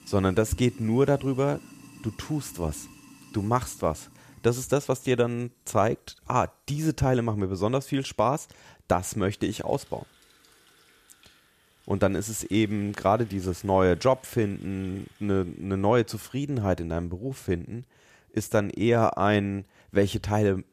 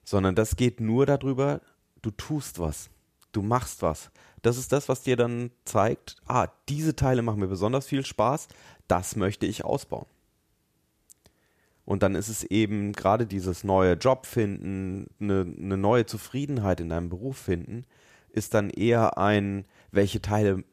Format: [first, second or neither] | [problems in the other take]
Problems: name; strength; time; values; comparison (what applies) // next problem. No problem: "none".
second | household noises; faint; until 16 s; 25 dB below the speech